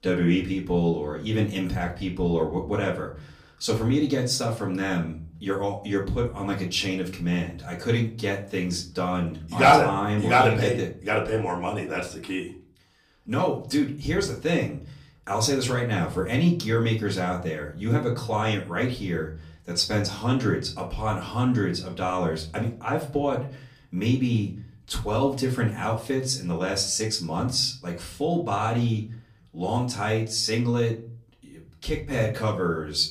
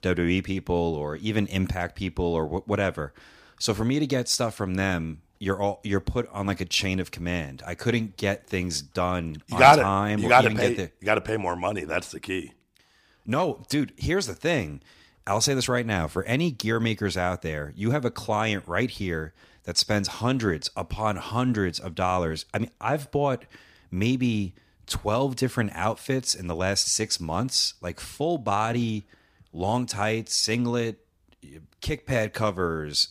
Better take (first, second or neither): second